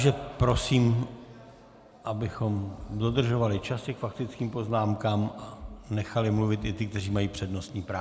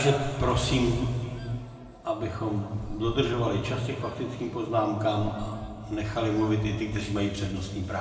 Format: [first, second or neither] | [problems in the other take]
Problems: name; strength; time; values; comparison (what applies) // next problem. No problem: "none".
first | background sound (Squeak); 17 dB below the speech // room echo; dies away in 2 s